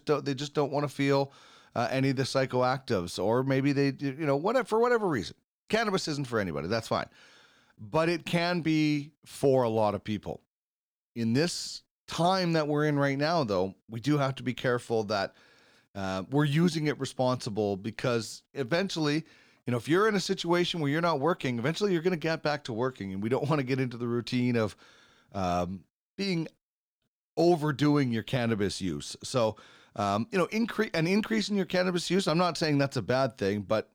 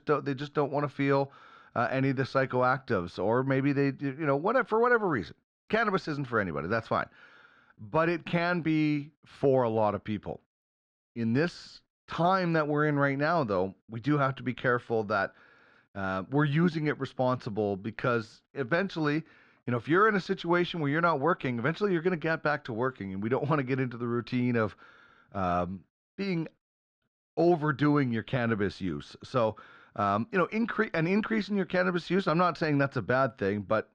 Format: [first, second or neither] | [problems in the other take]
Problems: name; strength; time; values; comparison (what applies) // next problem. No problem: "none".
first | muffled; slightly; fading above 2.5 kHz